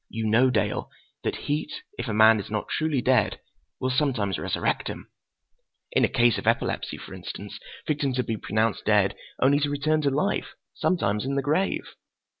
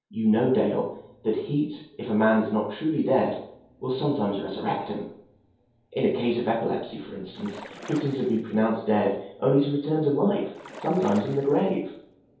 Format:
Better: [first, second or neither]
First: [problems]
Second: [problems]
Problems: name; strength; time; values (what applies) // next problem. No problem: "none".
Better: first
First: none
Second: background sound (Splash, splatter); 18 dB below the speech // room echo; dies away in 0.7 s